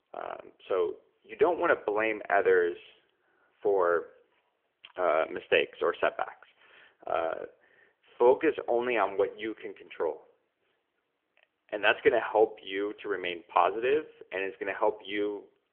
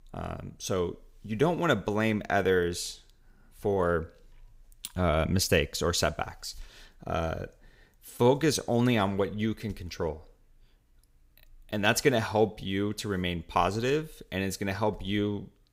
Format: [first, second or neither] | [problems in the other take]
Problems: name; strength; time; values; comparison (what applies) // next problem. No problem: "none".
second | phone-call audio; nothing above 3 kHz